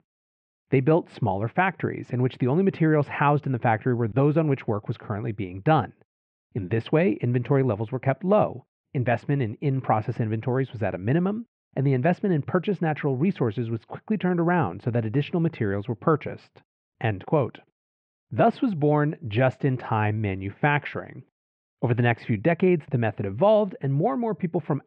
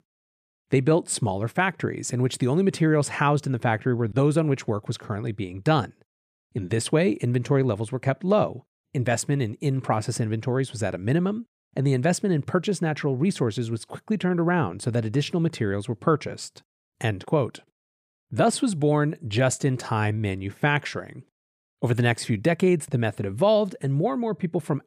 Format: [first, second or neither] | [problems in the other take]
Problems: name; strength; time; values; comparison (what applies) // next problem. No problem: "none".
second | muffled; very; fading above 2.5 kHz